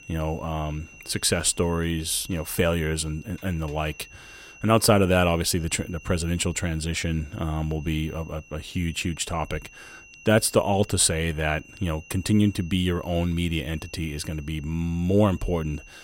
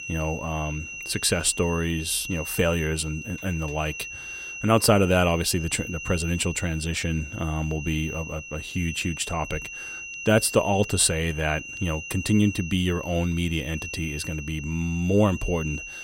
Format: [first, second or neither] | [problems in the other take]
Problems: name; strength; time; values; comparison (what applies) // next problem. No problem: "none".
first | high-pitched whine; loud; throughout; 3 kHz, 10 dB below the speech; faint in the first